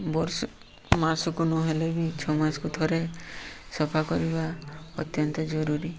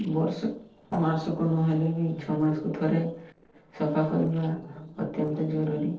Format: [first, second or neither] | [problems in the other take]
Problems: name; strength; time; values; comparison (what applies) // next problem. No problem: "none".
first | noise reduction (neural separator model SepFormer DNS4)